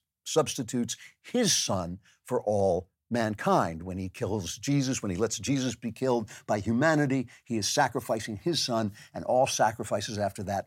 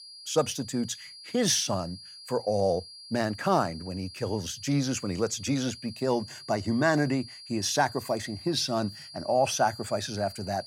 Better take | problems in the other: first | high-pitched whine; noticeable; throughout; 4.5 kHz, 15 dB below the speech

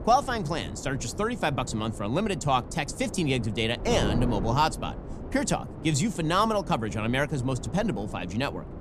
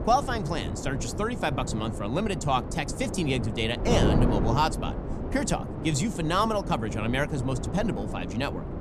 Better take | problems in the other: first | wind noise on the microphone; heavy; 8 dB below the speech; occasional gusts in the first

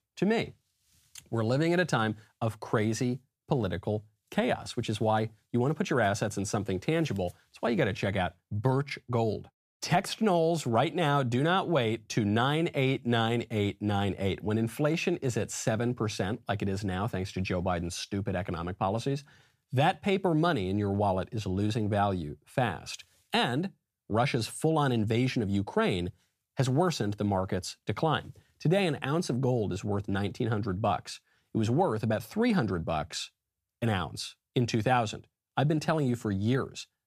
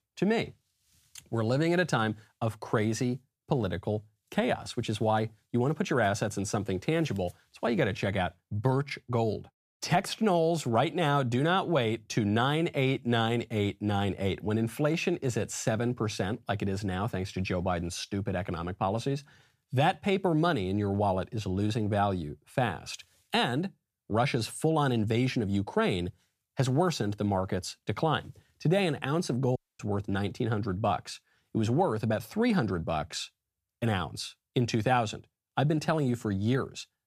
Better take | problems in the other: first | audio cutting out; at 30 s

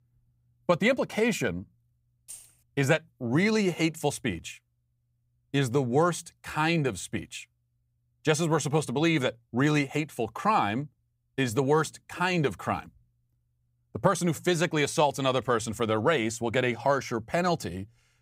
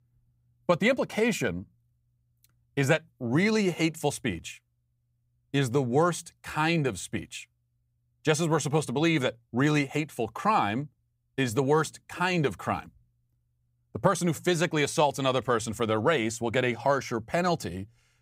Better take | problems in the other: second | jangling keys; faint; at 2.5 s; peak 15 dB below the speech

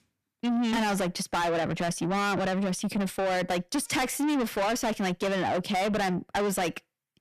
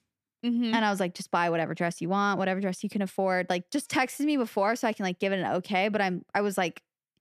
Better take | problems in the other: second | distortion; heavy; 6 dB below the speech

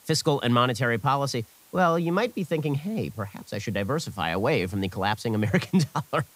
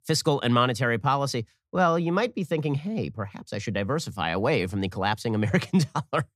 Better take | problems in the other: second | hiss; faint; throughout; 25 dB below the speech

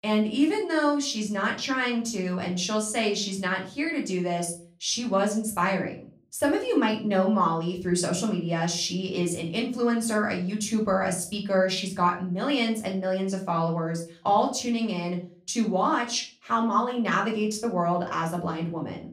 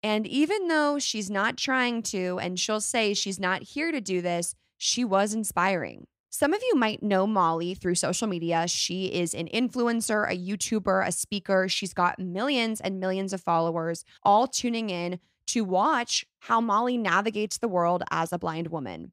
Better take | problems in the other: second | room echo; slight; dies away in 0.3 s // off-mic speech; far

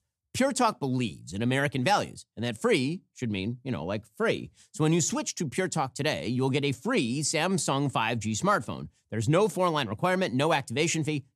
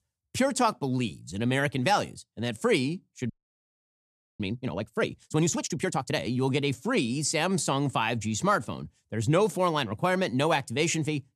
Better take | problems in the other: first | audio freezing; at 3.5 s for 1 s

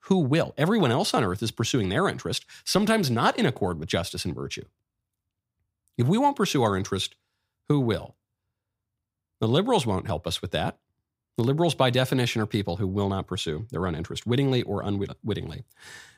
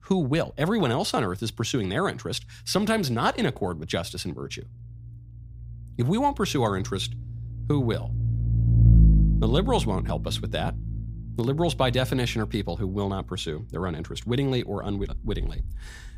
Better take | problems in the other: first | low rumble; noticeable; throughout; 10 dB below the speech

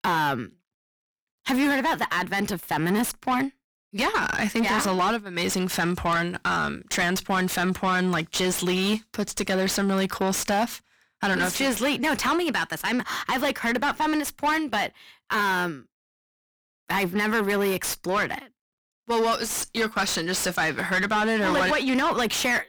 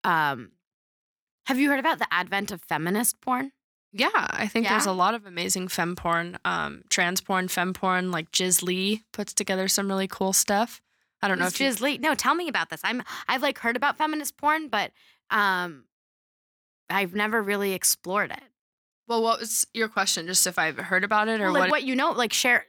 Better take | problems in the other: second | distortion; heavy; 5 dB below the speech

